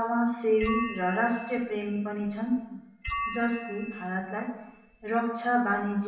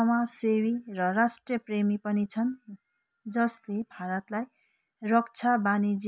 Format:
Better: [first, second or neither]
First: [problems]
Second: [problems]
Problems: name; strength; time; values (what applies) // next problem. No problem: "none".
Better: second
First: background sound (Bell); 10 dB below the speech // room echo; dies away in 0.9 s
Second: none